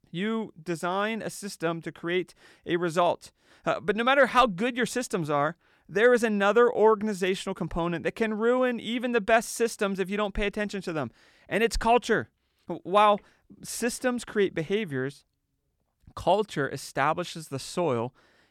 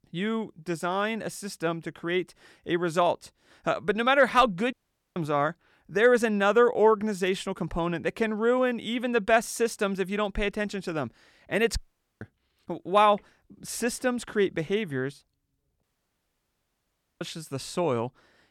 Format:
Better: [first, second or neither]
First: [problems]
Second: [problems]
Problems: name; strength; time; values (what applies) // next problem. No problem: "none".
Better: first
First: none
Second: audio cutting out; at 4.5 s, at 12 s and at 16 s for 1.5 s